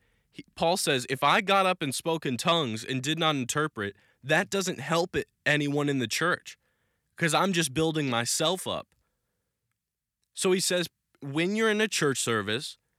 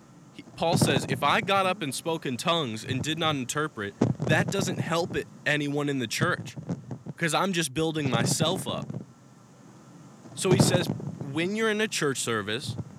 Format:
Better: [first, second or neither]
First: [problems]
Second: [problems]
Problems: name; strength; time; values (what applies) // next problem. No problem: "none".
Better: first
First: none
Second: wind noise on the microphone; heavy; 9 dB below the speech